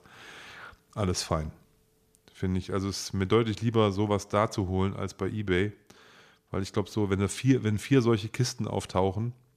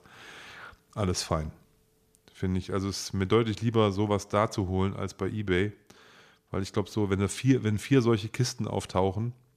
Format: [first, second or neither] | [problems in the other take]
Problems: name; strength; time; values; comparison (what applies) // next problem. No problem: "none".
neither | none